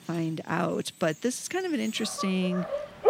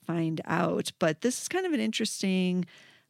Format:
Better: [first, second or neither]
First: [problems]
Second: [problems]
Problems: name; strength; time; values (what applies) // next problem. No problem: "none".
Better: second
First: animal sounds; loud; throughout; 3 dB below the speech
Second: none